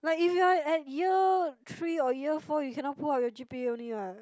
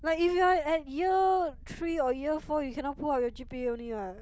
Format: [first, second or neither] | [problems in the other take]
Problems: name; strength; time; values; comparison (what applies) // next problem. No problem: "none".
first | background sound (Purr); 20 dB below the speech